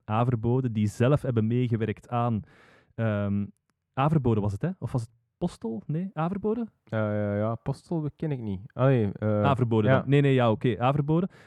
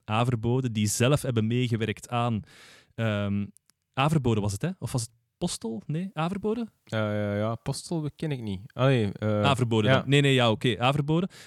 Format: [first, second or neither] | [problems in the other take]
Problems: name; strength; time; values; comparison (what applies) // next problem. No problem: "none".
second | muffled; very; fading above 2.5 kHz